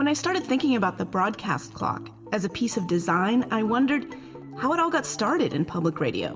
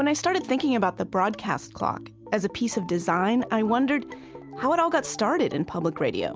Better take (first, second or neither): second